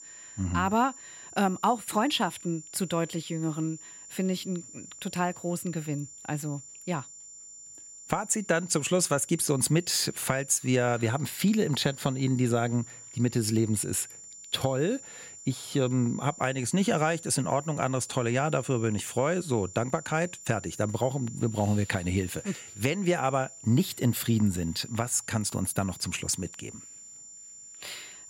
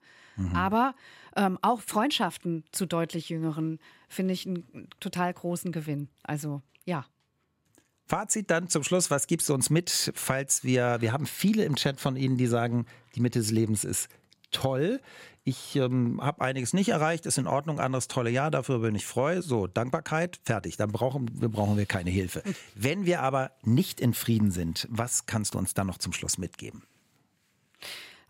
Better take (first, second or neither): second